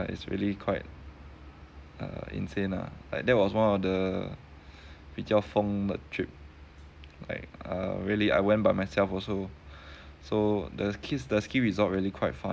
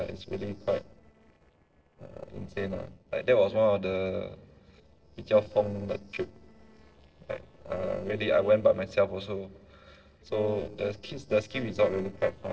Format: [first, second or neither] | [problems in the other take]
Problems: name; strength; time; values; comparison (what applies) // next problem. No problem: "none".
first | noise reduction (neural separator model SepFormer DNS4)